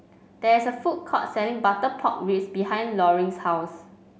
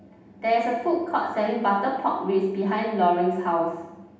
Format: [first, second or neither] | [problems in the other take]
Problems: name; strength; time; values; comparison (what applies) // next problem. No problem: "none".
first | room echo; dies away in 0.8 s